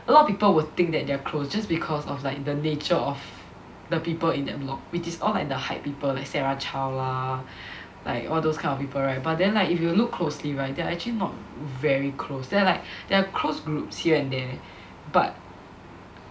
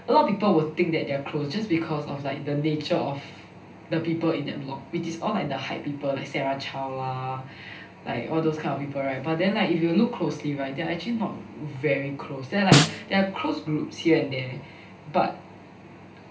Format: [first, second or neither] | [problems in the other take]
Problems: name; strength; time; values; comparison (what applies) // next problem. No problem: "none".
first | background sound (Snare drum); 4 dB above the speech // room echo; dies away in 0.3 s